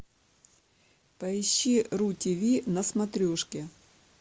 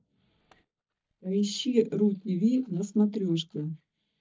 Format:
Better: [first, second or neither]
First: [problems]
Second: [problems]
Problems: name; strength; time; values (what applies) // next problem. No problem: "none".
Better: first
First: none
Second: noise reduction (neural mask model DeepFilterNet 3)